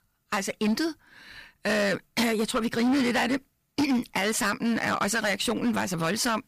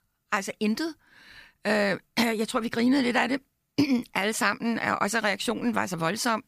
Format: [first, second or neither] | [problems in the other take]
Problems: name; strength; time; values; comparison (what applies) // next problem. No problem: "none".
second | distortion; heavy; 12% of the sound clipped